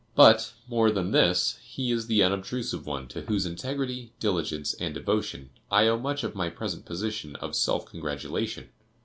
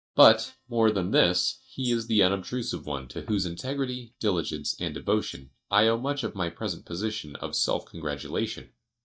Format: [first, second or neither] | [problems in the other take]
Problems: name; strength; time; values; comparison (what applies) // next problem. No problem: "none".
first | noise reduction (neural mask model DeepFilterNet 3)